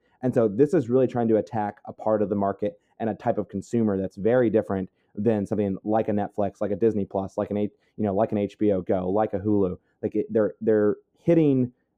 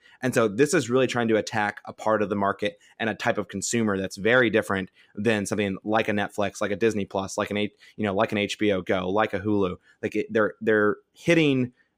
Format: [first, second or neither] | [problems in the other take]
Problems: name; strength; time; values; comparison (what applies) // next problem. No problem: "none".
second | muffled; very; fading above 1 kHz